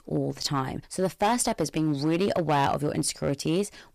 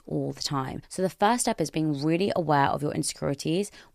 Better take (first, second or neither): second